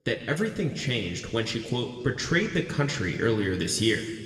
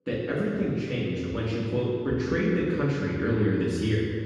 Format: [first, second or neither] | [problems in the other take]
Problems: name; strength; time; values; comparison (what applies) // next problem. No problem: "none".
first | room echo; strong; dies away in 1.8 s; slight in the first // off-mic speech; far